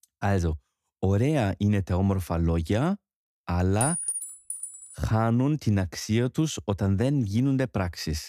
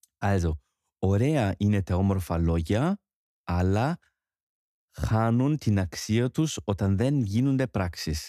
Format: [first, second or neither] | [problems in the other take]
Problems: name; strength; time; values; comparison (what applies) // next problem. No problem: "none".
second | clattering dishes; noticeable; from 4 to 5 s; peak 1 dB below the speech